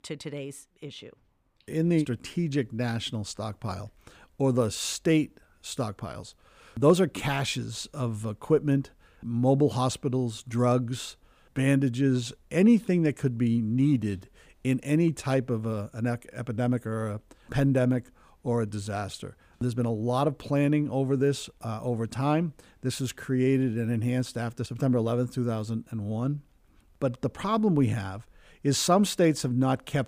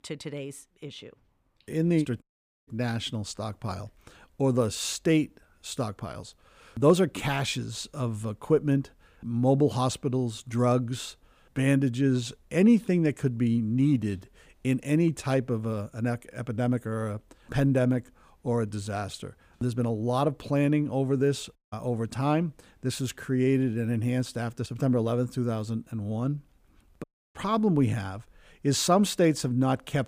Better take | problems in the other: first | audio cutting out; at 2 s, at 22 s and at 27 s

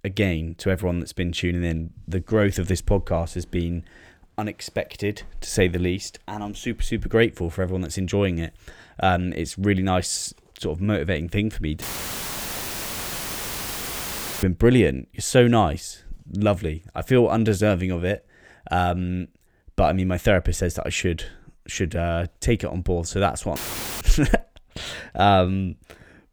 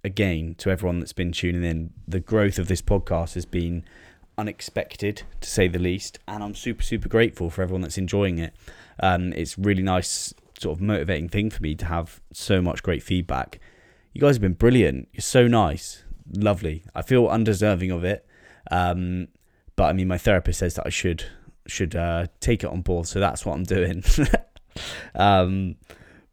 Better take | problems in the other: second | audio cutting out; filled with static; at 12 s for 2.5 s and at 24 s

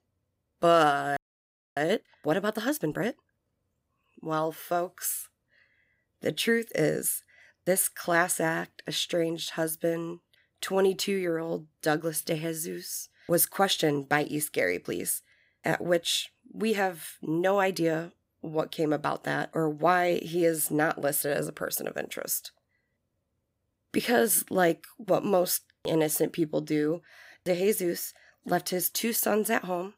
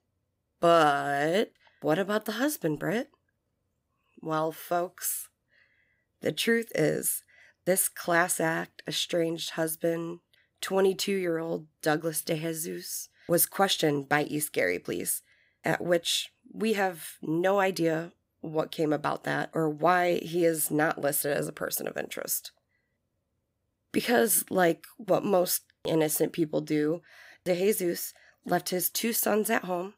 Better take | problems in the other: second | audio freezing; at 1 s for 0.5 s

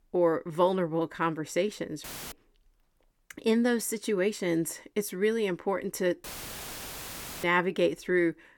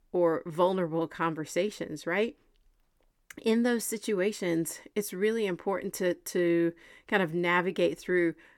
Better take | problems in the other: second | audio cutting out; filled with static; at 2 s and at 6 s for 1 s

